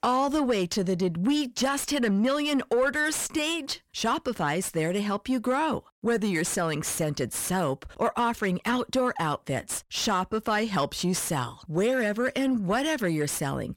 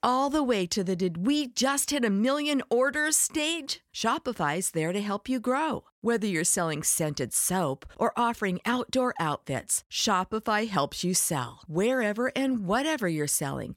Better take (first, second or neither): second